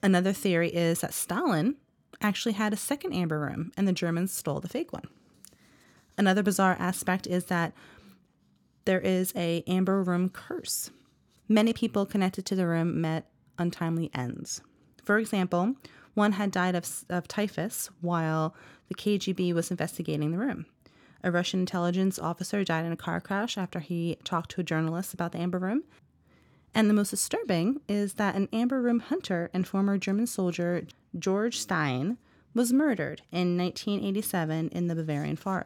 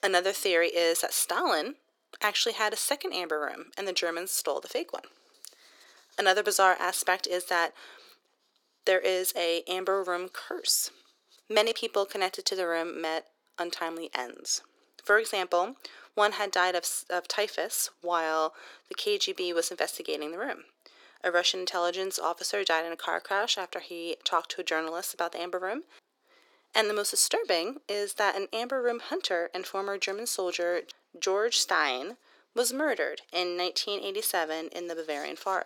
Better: first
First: none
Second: thin; very; fading below 400 Hz

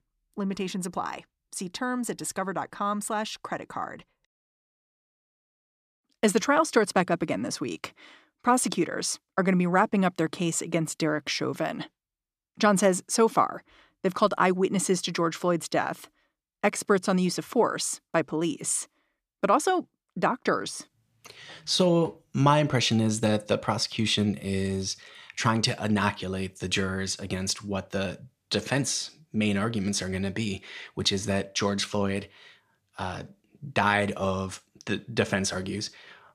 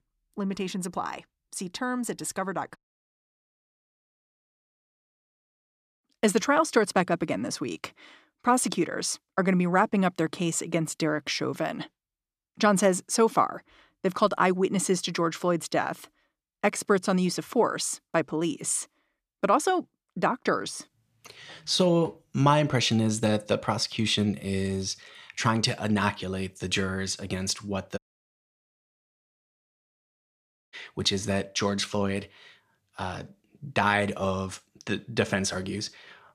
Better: first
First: none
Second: audio cutting out; at 3 s for 2 s and at 28 s for 2.5 s

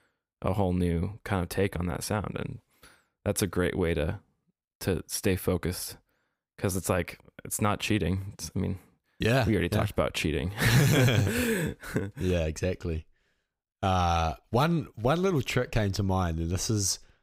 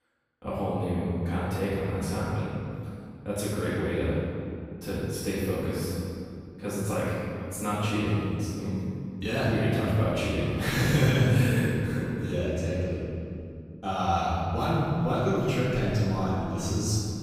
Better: first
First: none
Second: room echo; strong; dies away in 2.4 s // off-mic speech; far

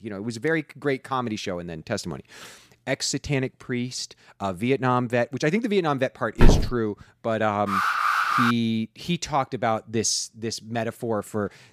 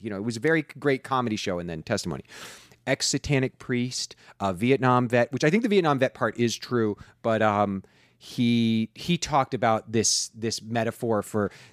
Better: second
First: footsteps; loud; at 6.5 s; peak 5 dB above the speech // alarm; loud; at 7.5 s; peak 5 dB above the speech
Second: none

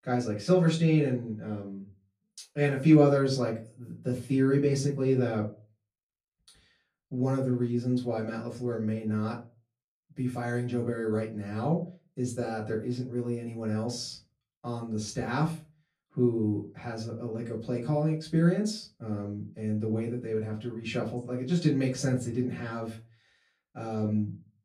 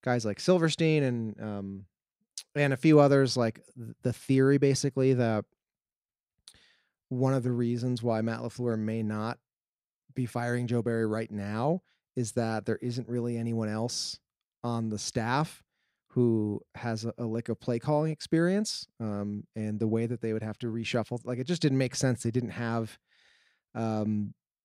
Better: second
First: off-mic speech; far // room echo; very slight; dies away in 0.3 s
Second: none

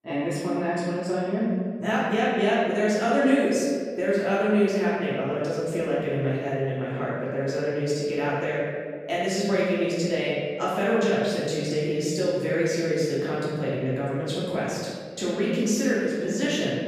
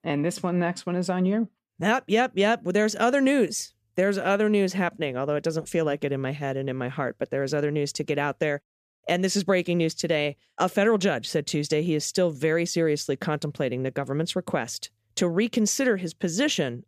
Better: second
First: room echo; strong; dies away in 1.7 s // off-mic speech; far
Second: none

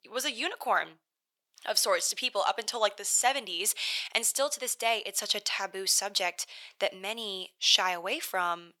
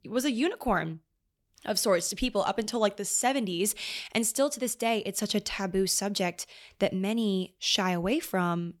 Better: second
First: thin; very; fading below 800 Hz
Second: none

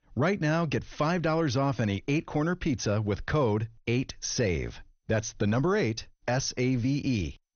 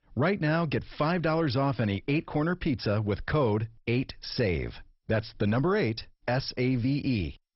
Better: first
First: garbled, watery; slightly; nothing above 6.5 kHz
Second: garbled, watery; badly; nothing above 5.5 kHz

